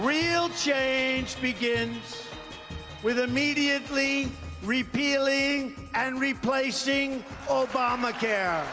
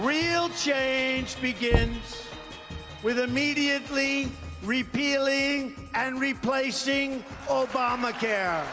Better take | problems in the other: first | background sound (Knock); 5 dB below the speech

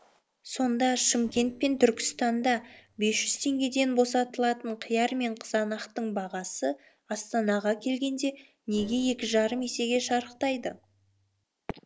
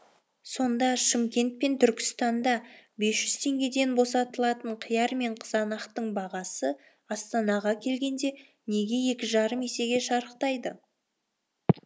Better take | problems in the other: second | noise reduction (neural separator model SepFormer DNS4)

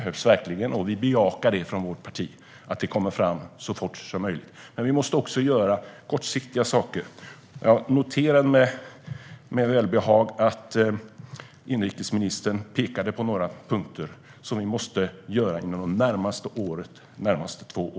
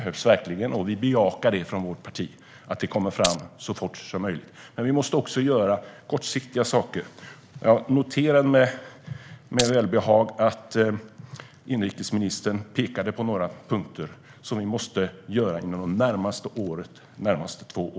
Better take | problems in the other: first | background sound (Glass); 5 dB below the speech

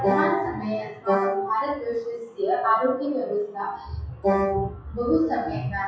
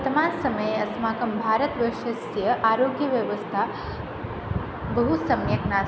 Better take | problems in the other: second | noise reduction (classical method WPE with log-MMSE)

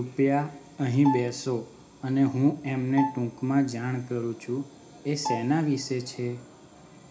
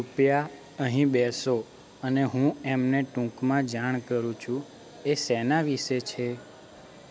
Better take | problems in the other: second | background sound (Bowed string instrument); 11 dB below the speech // room echo; dies away in 0.4 s

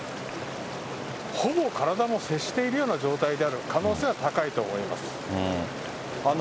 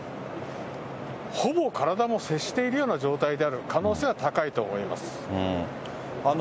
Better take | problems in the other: second | background sound (Stream); 12 dB below the speech

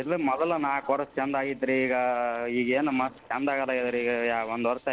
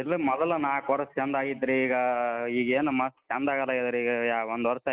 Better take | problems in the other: second | noise reduction (neural separator model SepFormer DNS4)

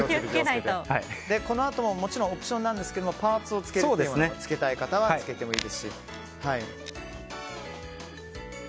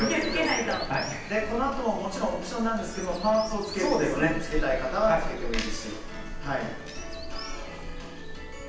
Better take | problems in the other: first | background sound (Bird vocalization, bird call, bird song); 6 dB below the speech // room echo; dies away in 0.9 s

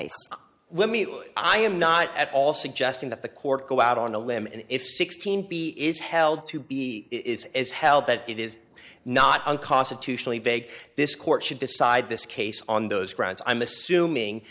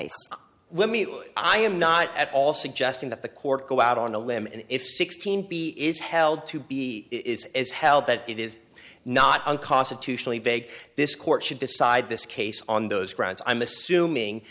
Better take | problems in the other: second | noise reduction (neural mask model Resemble Enhance denoiser)

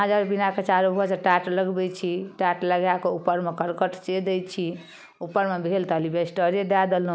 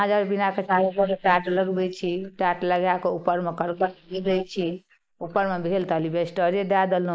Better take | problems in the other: first | noise reduction (neural mask model Resemble Enhance denoiser)

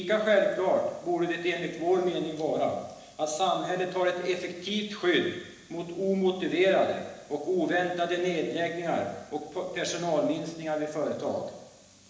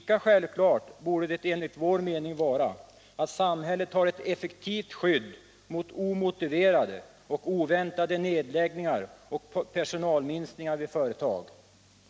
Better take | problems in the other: second | room echo; dies away in 1 s

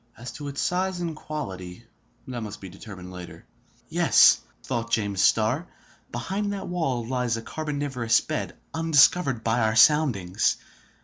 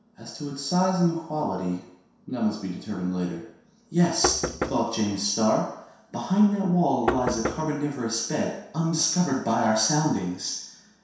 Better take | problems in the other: first | background sound (Knock); 6 dB below the speech // room echo; dies away in 0.7 s

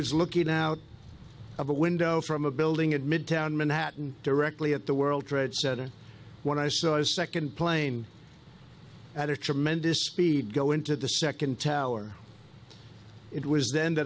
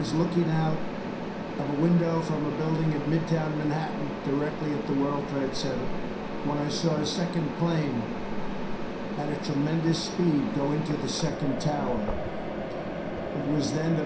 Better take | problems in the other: first | background sound (Mechanisms); 4 dB below the speech // room echo; dies away in 0.5 s

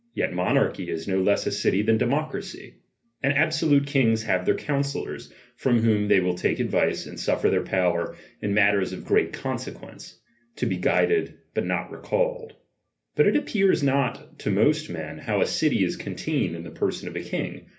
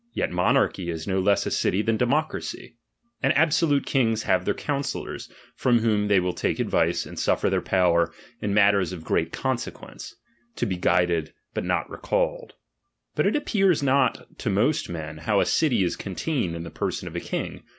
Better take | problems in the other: second | room echo; dies away in 0.3 s

